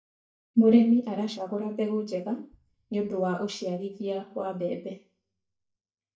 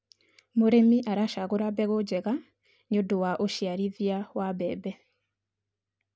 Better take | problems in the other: second | noise reduction (neural mask model DeepFilterNet 3)

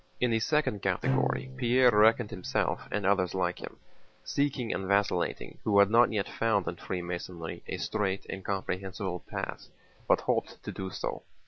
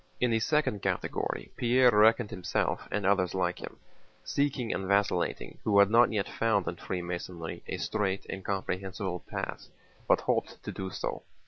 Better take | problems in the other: second | background sound (Bowed string instrument); 8 dB below the speech

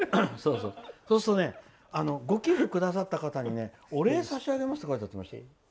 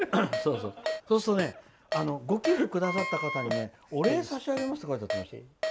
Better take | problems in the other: first | background sound (Wind instrument, woodwind instrument + Keyboard (musical)); 6 dB below the speech

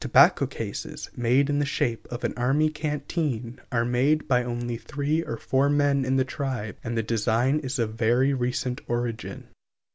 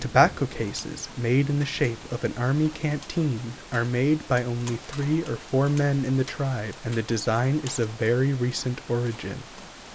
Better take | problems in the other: first | background sound (Rain); 17 dB below the speech

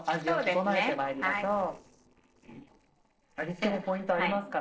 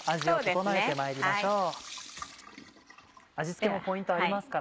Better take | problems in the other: second | noise reduction (neural separator model SepFormer DNS4)

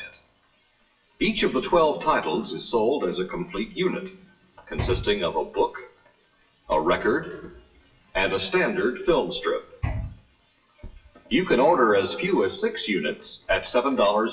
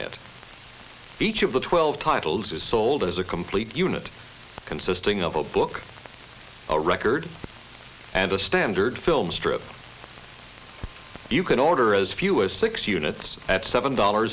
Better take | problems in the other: second | noise reduction (classical method WPE with log-MMSE)

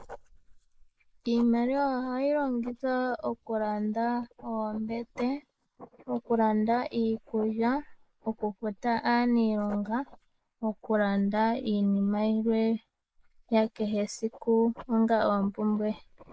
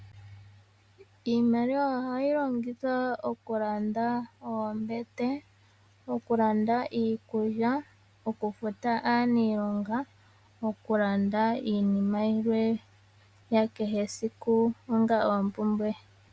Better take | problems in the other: second | noise reduction (neural mask model Resemble Enhance denoiser)

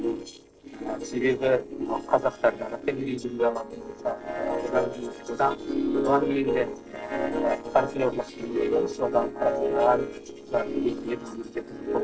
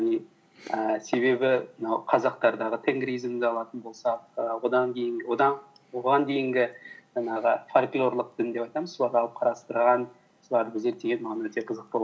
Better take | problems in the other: second | noise reduction (neural separator model SepFormer DNS4)

